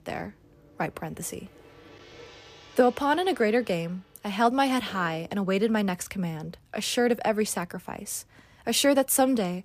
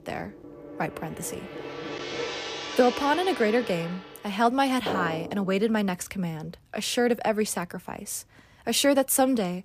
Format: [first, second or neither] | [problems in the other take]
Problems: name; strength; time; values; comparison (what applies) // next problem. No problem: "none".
first | background music; loud; until 5.5 s; 9 dB below the speech; faint in the first